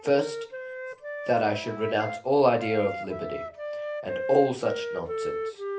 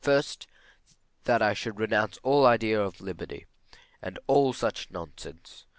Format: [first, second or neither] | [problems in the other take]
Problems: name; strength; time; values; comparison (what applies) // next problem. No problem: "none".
second | background sound (Wind instrument, woodwind instrument); 7 dB below the speech // room echo; dies away in 0.3 s